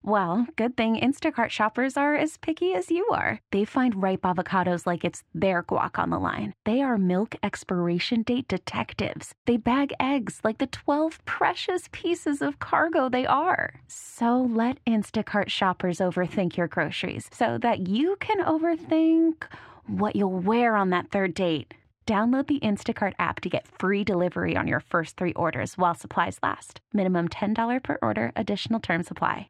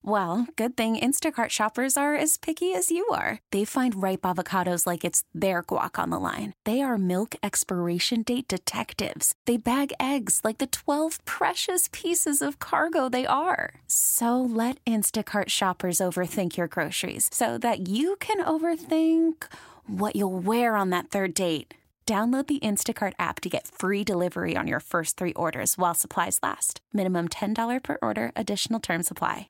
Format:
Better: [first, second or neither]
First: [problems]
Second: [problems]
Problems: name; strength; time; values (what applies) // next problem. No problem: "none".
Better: second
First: muffled; very; fading above 2.5 kHz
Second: none